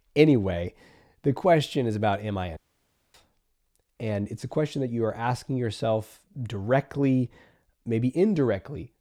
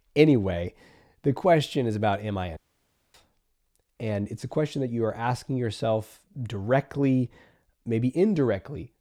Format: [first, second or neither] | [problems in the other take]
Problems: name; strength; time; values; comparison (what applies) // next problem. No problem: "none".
neither | audio cutting out; at 2.5 s for 0.5 s; the same in both